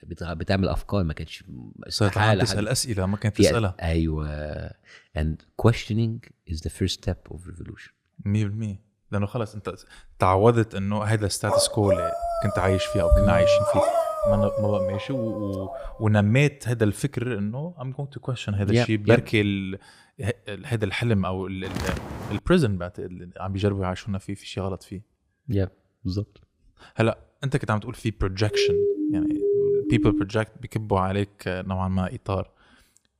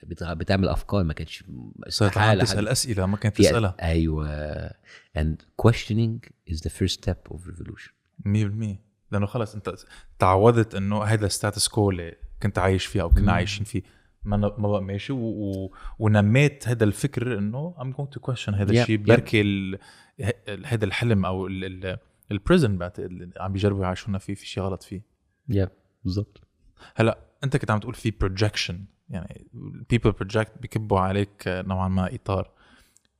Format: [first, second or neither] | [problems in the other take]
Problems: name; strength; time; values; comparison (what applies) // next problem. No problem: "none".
second | dog barking; loud; from 11 to 16 s; peak 6 dB above the speech // footsteps; noticeable; at 22 s; peak 5 dB below the speech // siren; loud; from 29 to 30 s; peak 4 dB above the speech